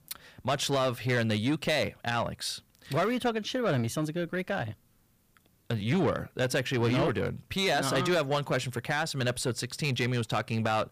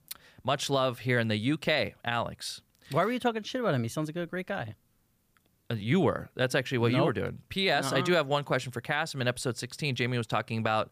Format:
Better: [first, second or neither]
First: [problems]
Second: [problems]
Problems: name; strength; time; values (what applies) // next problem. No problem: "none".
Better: second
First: distortion; slight; 10 dB below the speech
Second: none